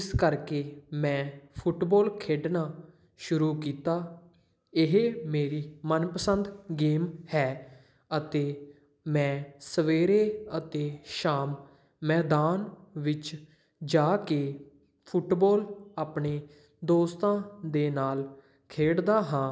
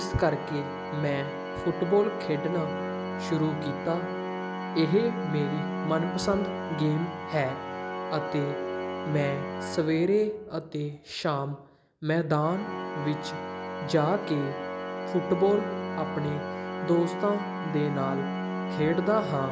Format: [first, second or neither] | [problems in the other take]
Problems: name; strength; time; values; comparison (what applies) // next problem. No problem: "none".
first | background sound (Organ); 5 dB below the speech